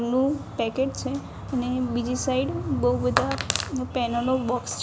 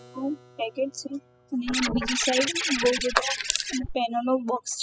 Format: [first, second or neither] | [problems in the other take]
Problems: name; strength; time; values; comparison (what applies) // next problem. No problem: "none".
first | noise reduction (classical method spectral subtraction)